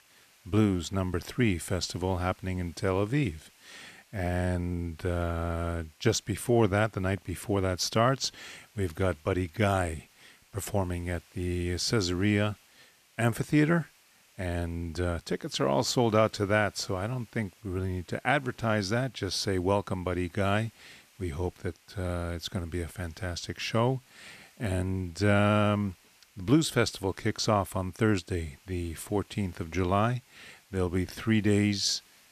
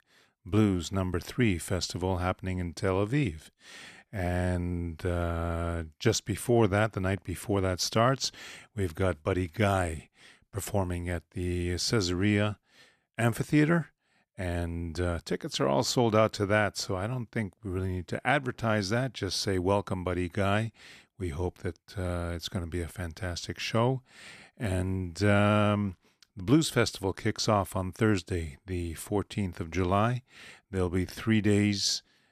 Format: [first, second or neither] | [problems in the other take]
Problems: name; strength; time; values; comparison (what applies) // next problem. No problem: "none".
second | hiss; faint; throughout; 30 dB below the speech